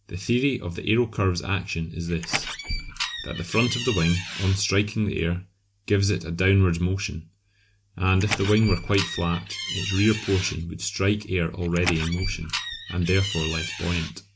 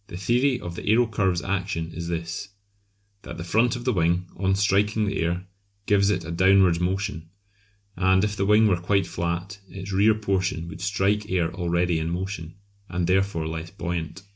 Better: second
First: background sound (Door); 7 dB below the speech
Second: none

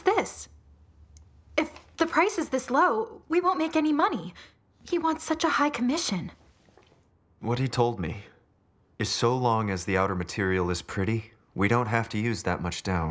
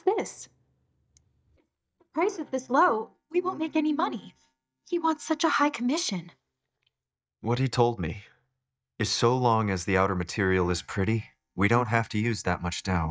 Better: first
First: none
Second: noise reduction (neural mask model DeepFilterNet 3)

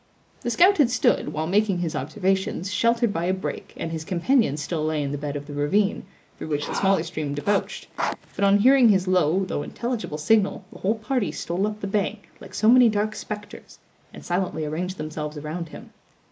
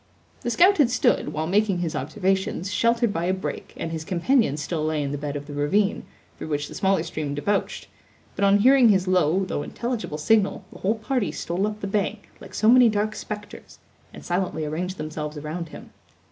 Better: second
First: noise reduction (neural mask model Resemble Enhance denoiser)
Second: none

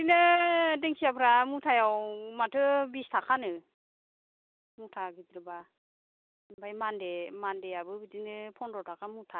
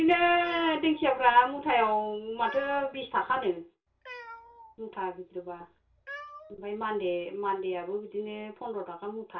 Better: first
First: none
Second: background sound (Cat); 19 dB below the speech // room echo; dies away in 0.2 s

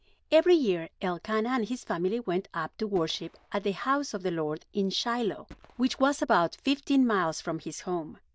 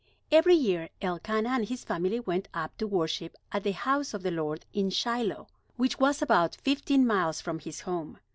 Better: second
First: noise reduction (neural diffusion model UNIVERSE++)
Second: none

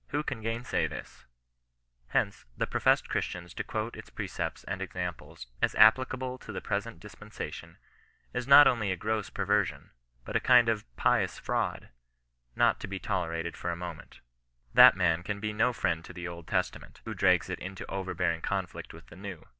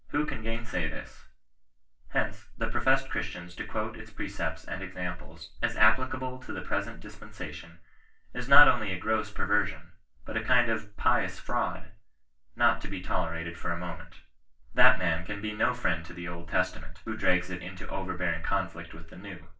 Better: first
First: none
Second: room echo; dies away in 0.3 s

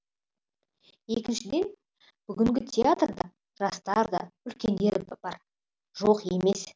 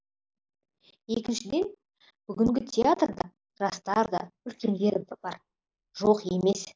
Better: first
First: none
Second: noise reduction (neural mask model Resemble Enhance denoiser)

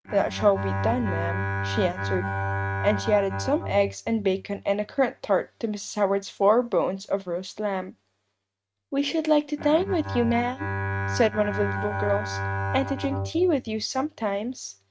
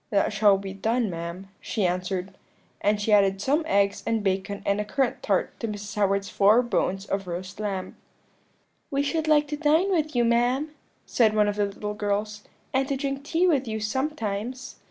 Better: second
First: noise reduction (neural mask model RNNoise)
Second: none

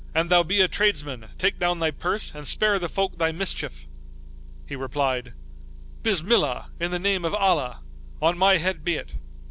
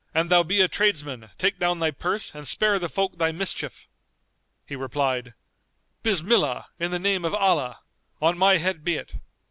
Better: second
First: background sound (Motor vehicle (road) / Engine); 11 dB below the speech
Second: none

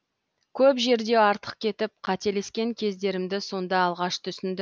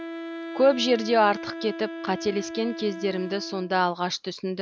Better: first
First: none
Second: background sound (Wind instrument, woodwind instrument); 11 dB below the speech

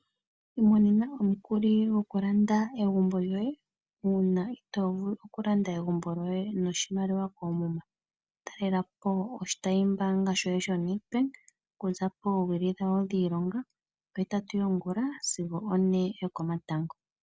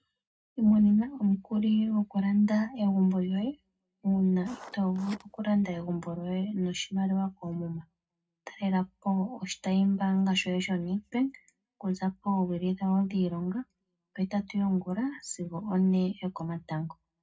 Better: first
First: none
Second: background sound (Writing); 20 dB below the speech // room echo; dies away in 0.3 s

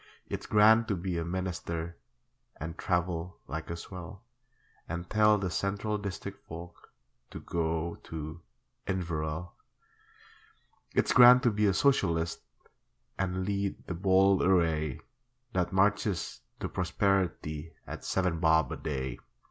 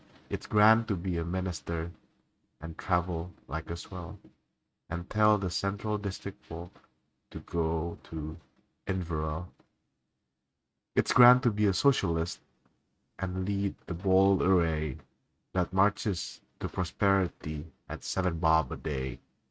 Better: first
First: none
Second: noise reduction (neural mask model RNNoise)

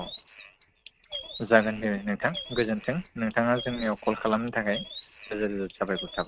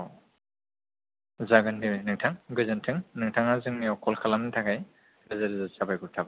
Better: second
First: noise reduction (neural mask model RNNoise)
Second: none

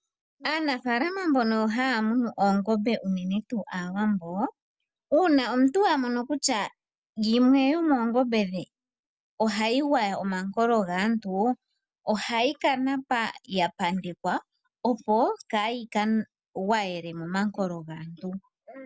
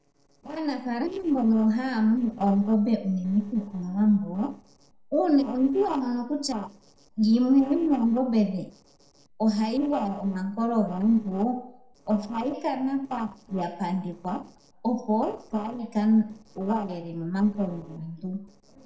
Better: first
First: none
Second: noise reduction (neural separator model SepFormer DNS4)

